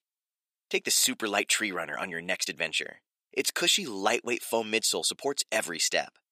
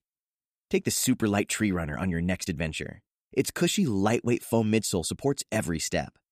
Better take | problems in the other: second | thin; somewhat; fading below 500 Hz

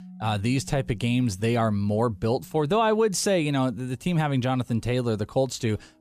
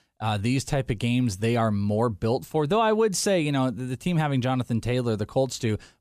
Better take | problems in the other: second | background music; faint; throughout; 20 dB below the speech

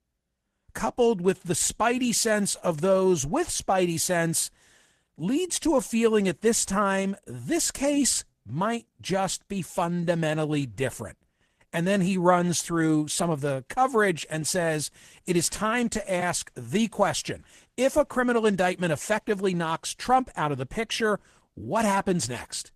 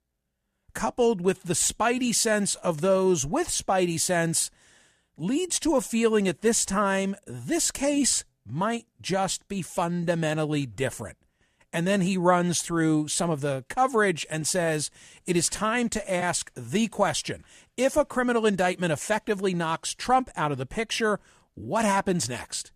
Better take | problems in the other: second | garbled, watery; slightly; nothing above 14 kHz

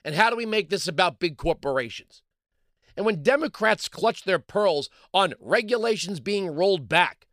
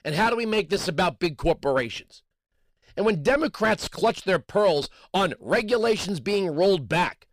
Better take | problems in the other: first | distortion; heavy; 8 dB below the speech

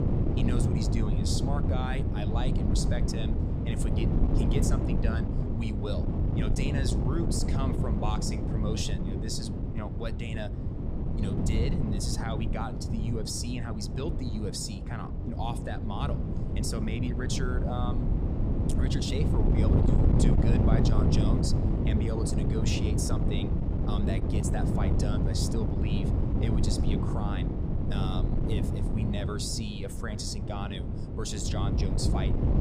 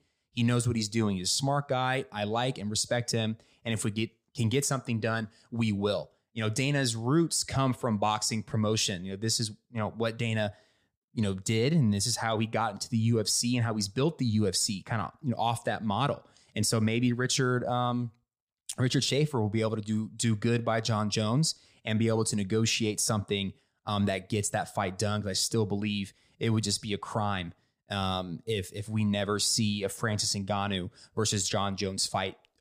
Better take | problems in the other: second | wind noise on the microphone; heavy; as loud as the speech

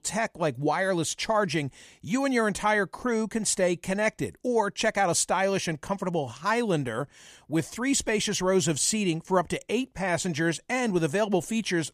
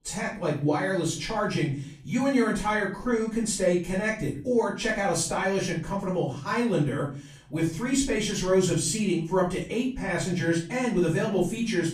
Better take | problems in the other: first | off-mic speech; far // room echo; noticeable; dies away in 0.5 s

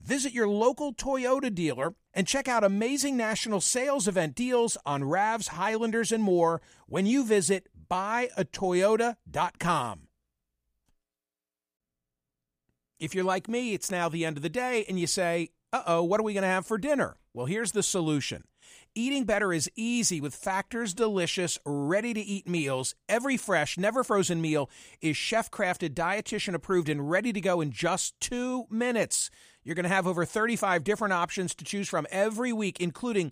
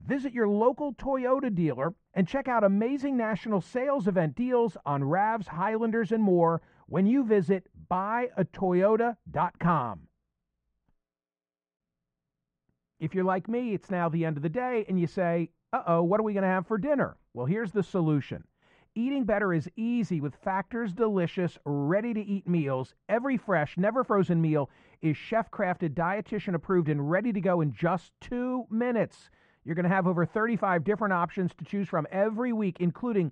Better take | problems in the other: first | muffled; very; fading above 1.5 kHz

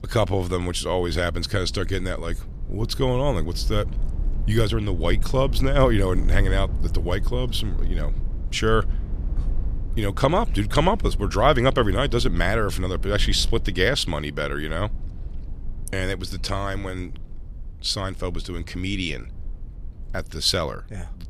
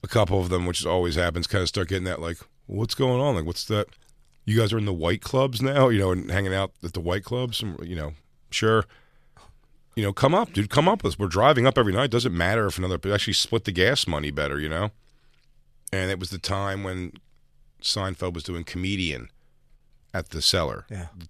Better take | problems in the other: second | low rumble; faint; throughout; 20 dB below the speech

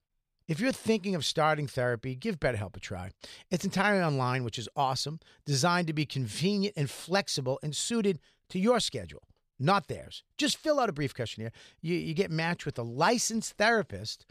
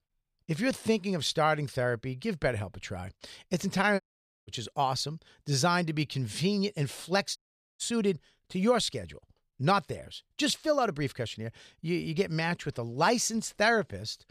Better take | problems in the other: first | audio cutting out; at 4 s and at 7.5 s

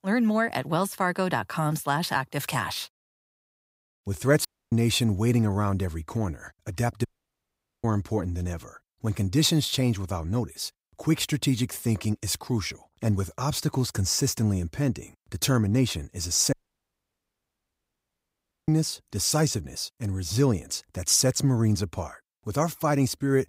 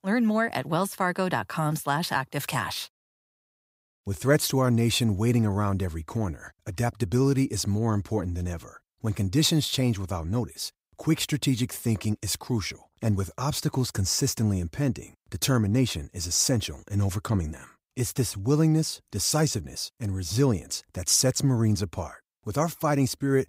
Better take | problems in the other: second | audio cutting out; at 4.5 s, at 7 s for 1 s and at 17 s for 2 s

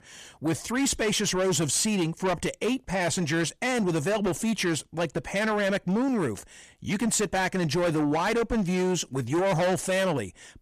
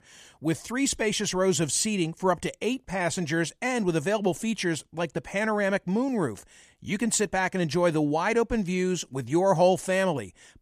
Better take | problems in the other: second | distortion; heavy; 8 dB below the speech

